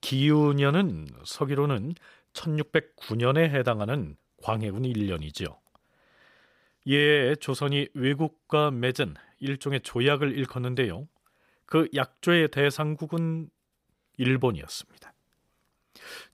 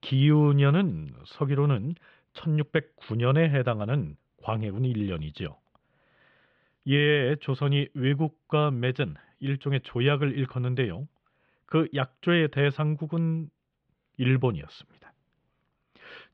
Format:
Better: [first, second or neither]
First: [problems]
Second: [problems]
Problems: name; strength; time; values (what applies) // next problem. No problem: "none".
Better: first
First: none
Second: muffled; slightly; fading above 3 kHz